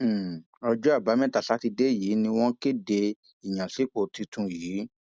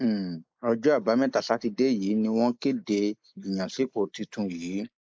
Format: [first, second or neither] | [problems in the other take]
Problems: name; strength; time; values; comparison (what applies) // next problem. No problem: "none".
first | noise reduction (neural mask model Resemble Enhance denoiser)